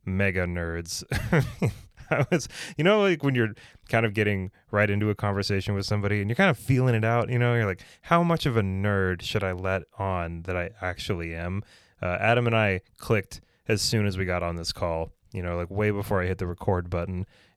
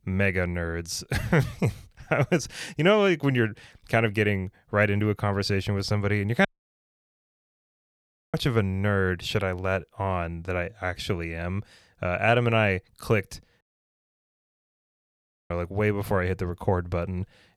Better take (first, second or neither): first